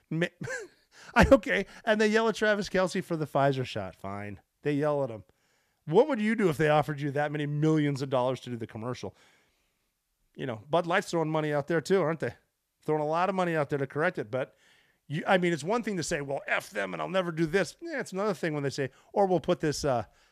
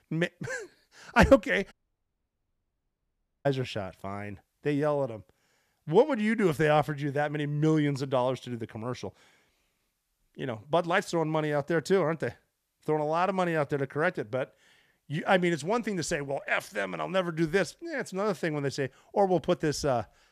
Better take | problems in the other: first | audio cutting out; at 1.5 s for 1.5 s

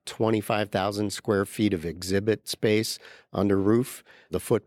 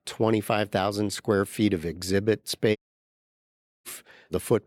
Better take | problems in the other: first | audio cutting out; at 3 s for 1 s

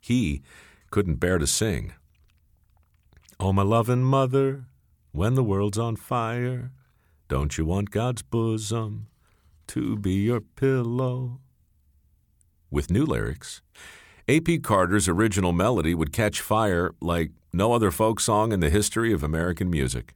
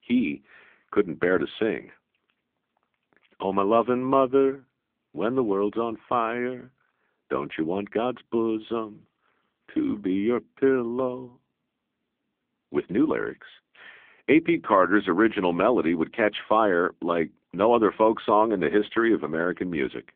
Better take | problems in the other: first | phone-call audio; poor line; nothing above 3.5 kHz

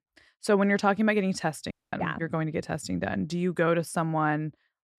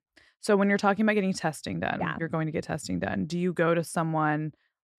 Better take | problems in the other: second | audio cutting out; at 1.5 s

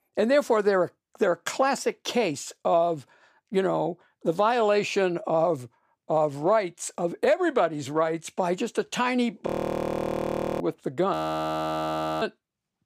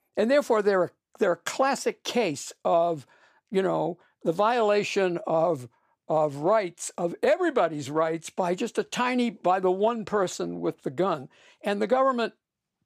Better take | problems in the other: second | audio freezing; at 9.5 s for 1 s and at 11 s for 1 s

